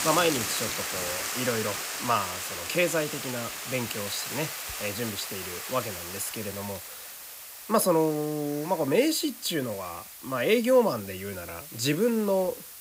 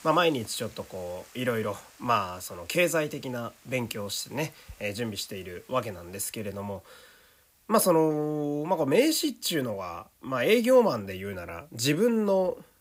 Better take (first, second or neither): second